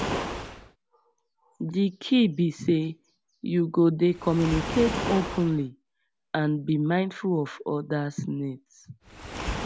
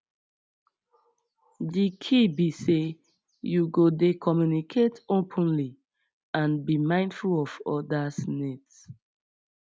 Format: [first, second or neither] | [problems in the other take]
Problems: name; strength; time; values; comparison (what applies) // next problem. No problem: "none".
second | background sound (Waves, surf); 10 dB below the speech